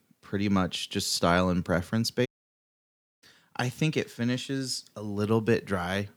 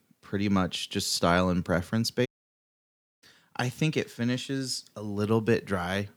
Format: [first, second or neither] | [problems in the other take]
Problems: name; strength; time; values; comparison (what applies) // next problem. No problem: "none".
neither | audio cutting out; at 2.5 s for 1 s; the same in both